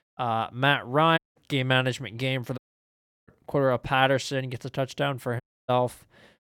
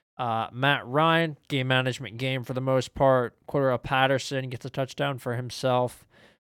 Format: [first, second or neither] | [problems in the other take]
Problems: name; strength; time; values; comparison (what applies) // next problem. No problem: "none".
second | audio cutting out; at 1 s, at 2.5 s for 0.5 s and at 5.5 s